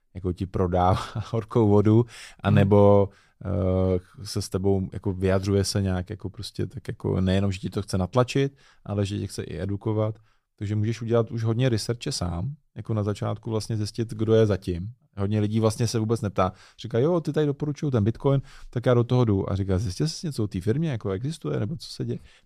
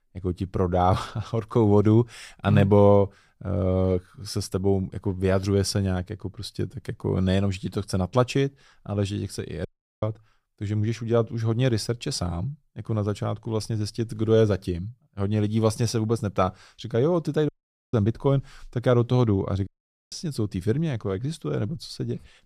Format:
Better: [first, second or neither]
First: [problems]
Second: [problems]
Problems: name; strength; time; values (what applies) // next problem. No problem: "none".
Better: first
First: none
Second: audio cutting out; at 9.5 s, at 17 s and at 20 s